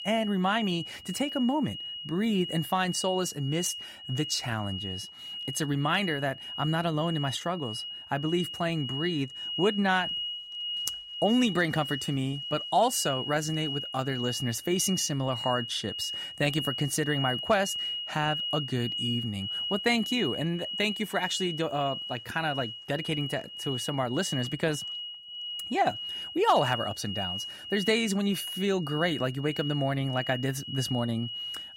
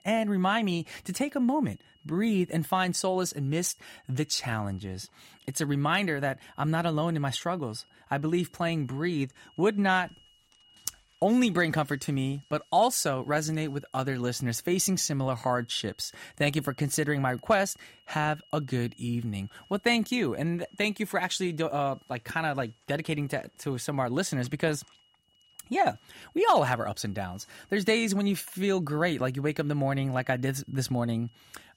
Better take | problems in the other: second | high-pitched whine; loud; throughout; 3 kHz, 5 dB below the speech; faint in the second

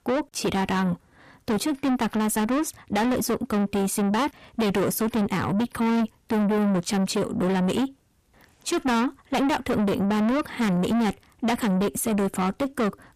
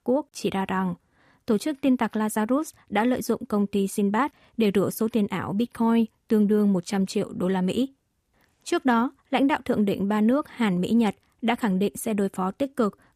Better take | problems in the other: second | distortion; heavy; 8 dB below the speech

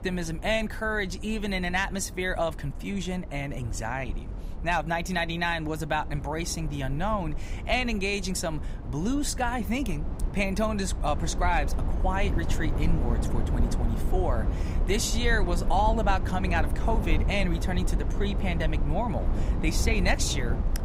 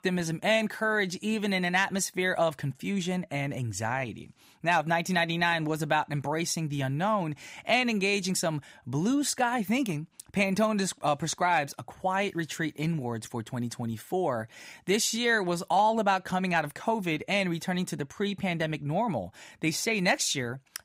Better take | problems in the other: second | low rumble; noticeable; throughout; 10 dB below the speech

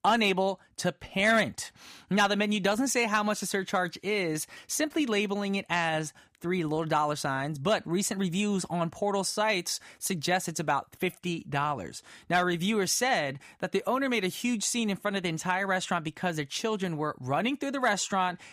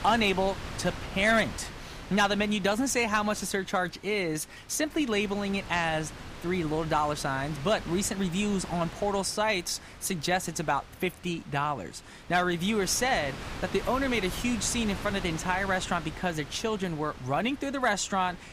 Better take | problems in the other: first | wind noise on the microphone; occasional gusts; 15 dB below the speech

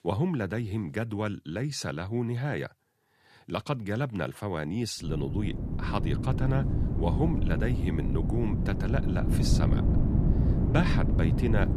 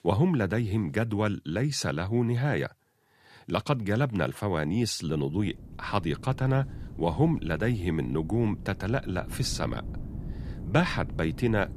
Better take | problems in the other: second | wind noise on the microphone; heavy; from 5 s on; 3 dB below the speech; occasional gusts in the second

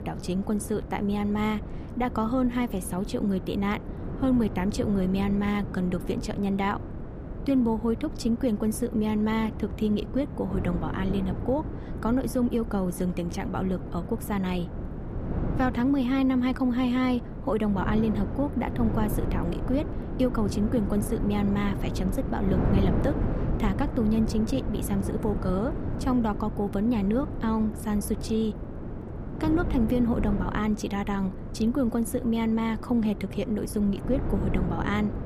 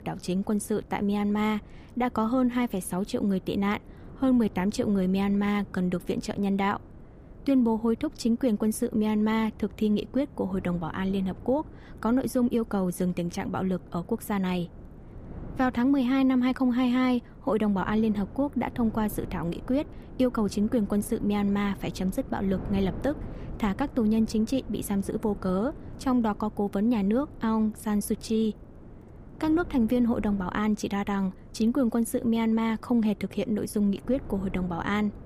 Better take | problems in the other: second | wind noise on the microphone; heavy; 9 dB below the speech; occasional gusts in the second

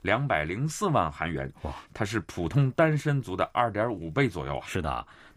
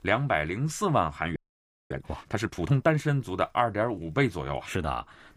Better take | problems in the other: first | audio freezing; at 1.5 s for 0.5 s

